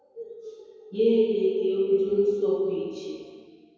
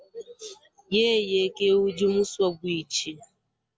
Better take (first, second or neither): second